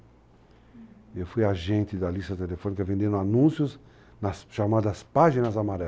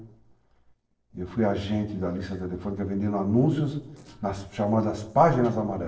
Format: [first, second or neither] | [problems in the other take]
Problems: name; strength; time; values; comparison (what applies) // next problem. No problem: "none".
first | noise reduction (neural separator model SepFormer DNS4)